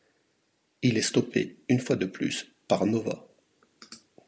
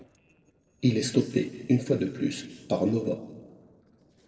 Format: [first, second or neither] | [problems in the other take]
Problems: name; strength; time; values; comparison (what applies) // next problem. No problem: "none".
first | noise reduction (neural separator model SepFormer DNS4)